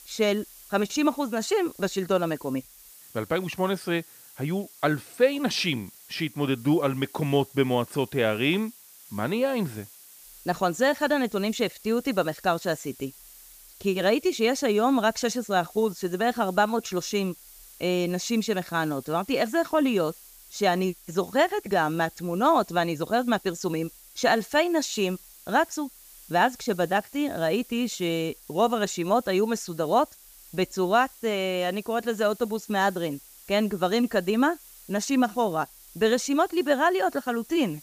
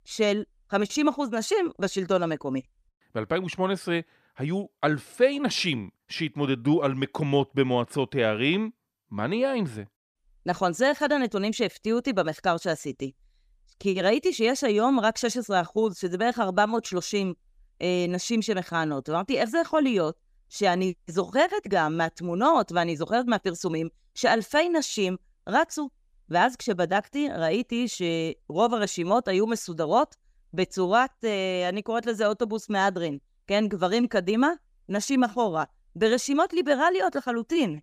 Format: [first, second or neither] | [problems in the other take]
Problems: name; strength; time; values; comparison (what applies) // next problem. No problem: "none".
second | hiss; faint; throughout; 20 dB below the speech